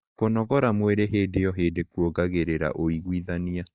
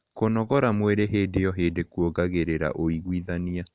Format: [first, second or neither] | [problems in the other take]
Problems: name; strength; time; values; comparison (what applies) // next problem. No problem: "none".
second | noise reduction (neural mask model DeepFilterNet 3)